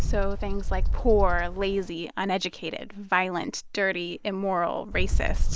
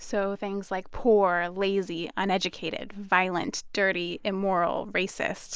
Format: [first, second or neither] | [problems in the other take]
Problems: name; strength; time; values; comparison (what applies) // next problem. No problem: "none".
second | background sound (Bird); 1 dB above the speech